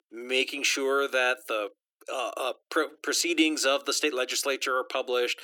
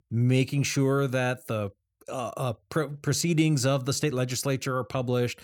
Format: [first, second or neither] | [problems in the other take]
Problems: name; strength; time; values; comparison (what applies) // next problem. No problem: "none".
second | thin; very; fading below 300 Hz